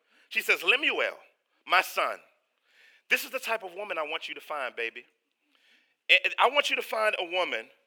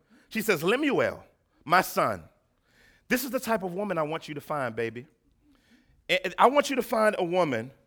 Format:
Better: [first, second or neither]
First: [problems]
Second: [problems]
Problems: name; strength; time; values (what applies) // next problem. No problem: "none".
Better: second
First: thin; somewhat; fading below 400 Hz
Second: none